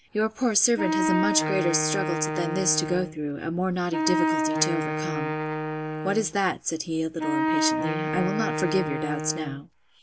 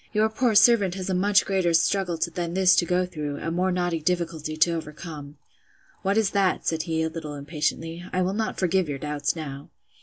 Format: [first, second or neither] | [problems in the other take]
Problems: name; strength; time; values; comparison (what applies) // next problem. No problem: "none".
second | background sound (Wind instrument, woodwind instrument); 1 dB below the speech